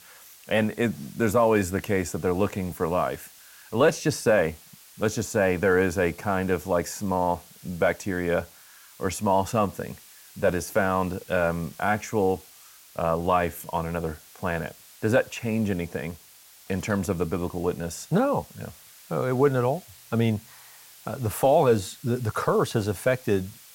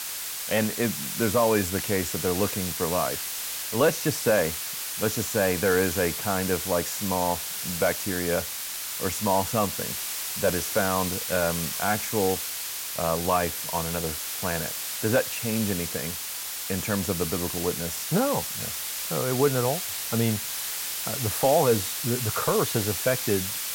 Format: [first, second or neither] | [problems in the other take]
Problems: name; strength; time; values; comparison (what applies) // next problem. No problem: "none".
first | hiss; loud; throughout; 2 dB below the speech; faint in the first